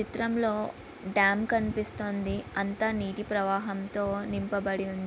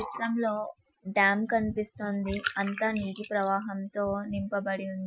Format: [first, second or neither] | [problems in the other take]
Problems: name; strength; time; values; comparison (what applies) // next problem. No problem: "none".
first | noise reduction (classical method Wiener filter)